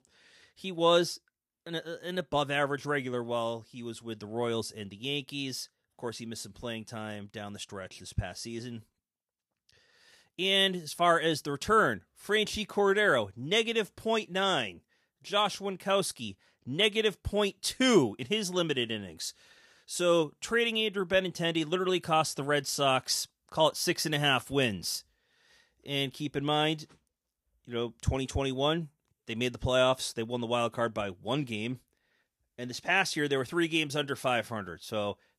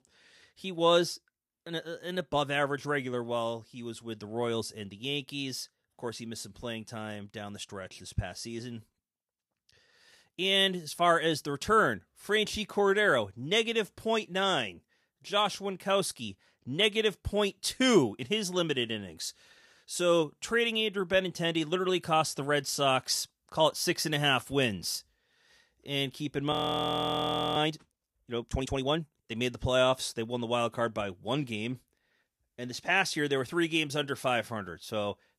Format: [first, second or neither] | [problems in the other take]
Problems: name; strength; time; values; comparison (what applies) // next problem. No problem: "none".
first | audio freezing; at 27 s for 1 s